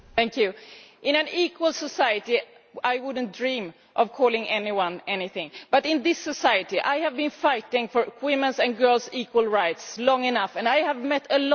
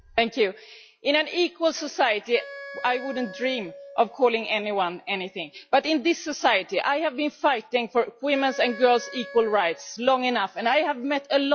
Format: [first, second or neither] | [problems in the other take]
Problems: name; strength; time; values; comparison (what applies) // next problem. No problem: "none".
first | noise reduction (classical method log-MMSE)